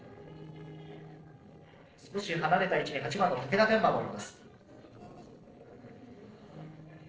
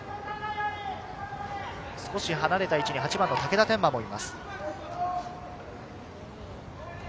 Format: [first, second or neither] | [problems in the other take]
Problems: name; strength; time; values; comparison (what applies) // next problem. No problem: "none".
second | noise reduction (neural separator model SepFormer DNS4)